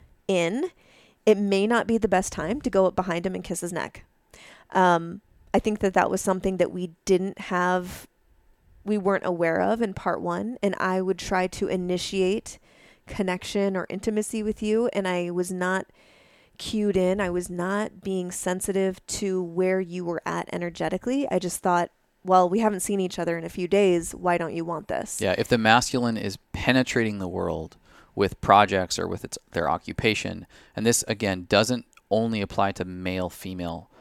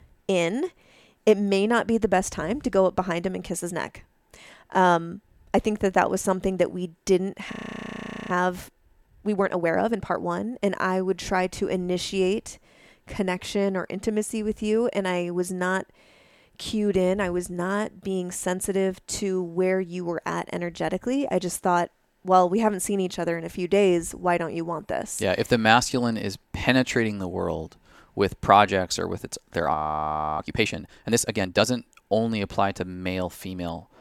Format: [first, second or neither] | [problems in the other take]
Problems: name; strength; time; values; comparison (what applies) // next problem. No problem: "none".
first | audio freezing; at 7.5 s for 1 s and at 30 s for 0.5 s